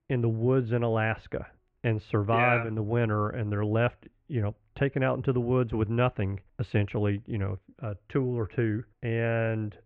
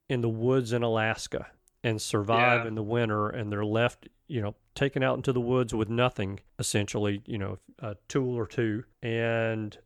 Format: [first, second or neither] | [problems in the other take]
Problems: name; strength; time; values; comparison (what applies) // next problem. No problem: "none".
second | muffled; very; fading above 2.5 kHz